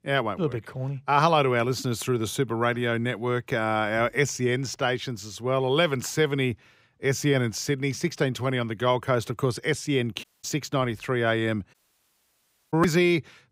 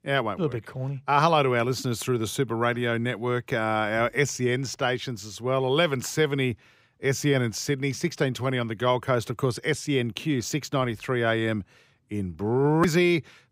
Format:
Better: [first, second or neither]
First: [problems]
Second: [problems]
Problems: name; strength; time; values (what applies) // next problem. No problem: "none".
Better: second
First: audio cutting out; at 10 s and at 12 s for 1 s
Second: none